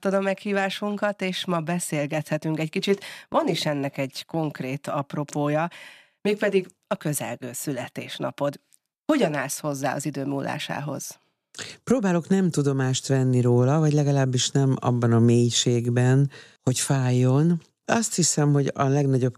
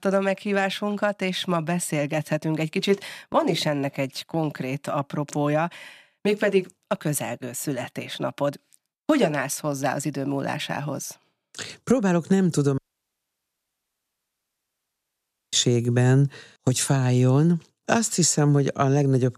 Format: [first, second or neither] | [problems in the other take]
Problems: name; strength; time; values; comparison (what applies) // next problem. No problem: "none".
first | audio cutting out; at 13 s for 3 s